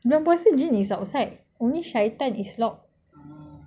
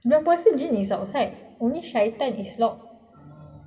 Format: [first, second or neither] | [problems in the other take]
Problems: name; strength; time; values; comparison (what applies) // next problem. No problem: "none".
first | room echo; dies away in 2 s